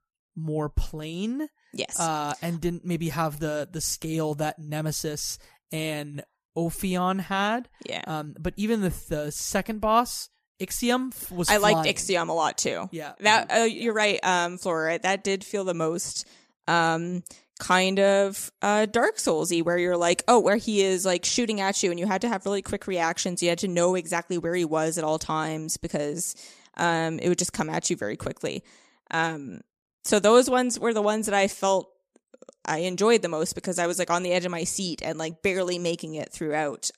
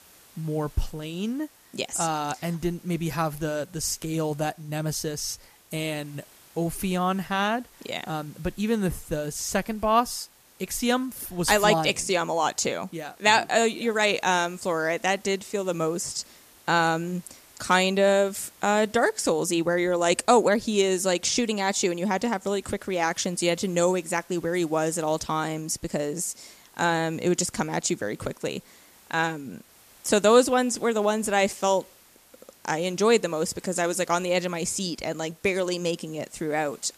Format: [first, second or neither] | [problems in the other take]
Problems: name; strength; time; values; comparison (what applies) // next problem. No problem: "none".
first | hiss; faint; throughout; 25 dB below the speech